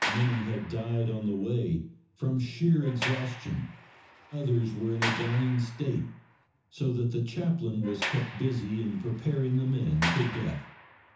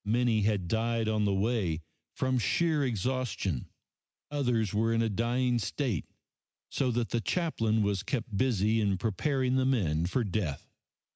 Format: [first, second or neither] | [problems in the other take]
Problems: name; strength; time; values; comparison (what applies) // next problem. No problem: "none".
second | background sound (Sliding door); 10 dB below the speech // room echo; dies away in 0.6 s